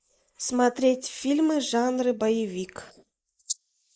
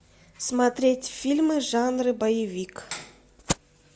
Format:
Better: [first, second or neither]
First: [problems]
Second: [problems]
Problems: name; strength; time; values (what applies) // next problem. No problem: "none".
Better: second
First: noise reduction (neural mask model Resemble Enhance denoiser)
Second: none